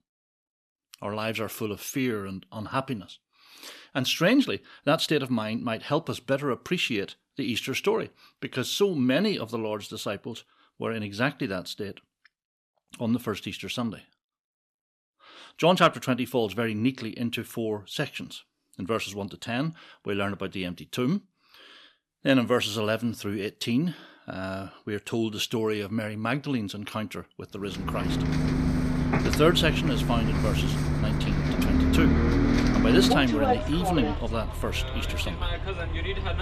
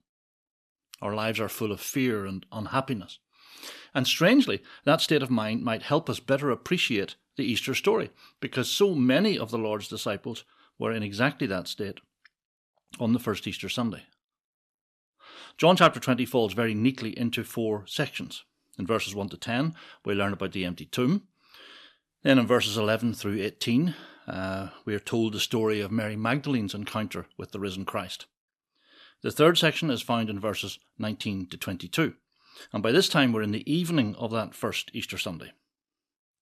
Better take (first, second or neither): second